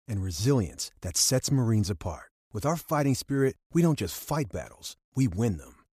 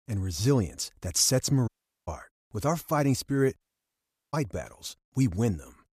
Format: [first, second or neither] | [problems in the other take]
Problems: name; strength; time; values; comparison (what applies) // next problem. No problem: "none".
first | audio cutting out; at 1.5 s and at 3.5 s for 0.5 s